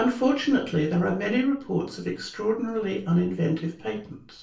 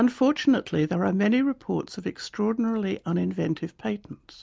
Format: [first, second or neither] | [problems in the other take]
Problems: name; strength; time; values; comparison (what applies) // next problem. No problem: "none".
second | room echo; dies away in 0.3 s